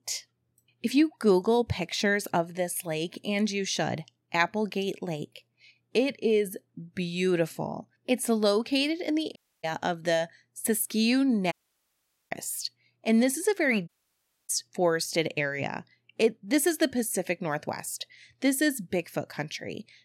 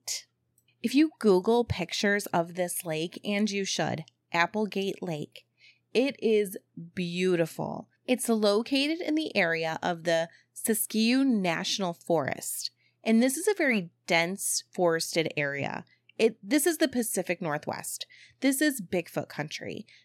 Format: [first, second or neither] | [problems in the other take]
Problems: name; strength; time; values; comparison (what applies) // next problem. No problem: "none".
second | audio cutting out; at 9.5 s, at 12 s for 1 s and at 14 s for 0.5 s